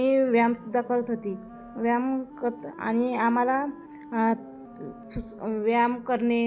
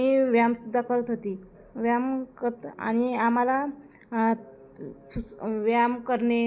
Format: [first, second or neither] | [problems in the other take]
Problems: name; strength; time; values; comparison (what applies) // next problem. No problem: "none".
second | background sound (Wind instrument, woodwind instrument); 19 dB below the speech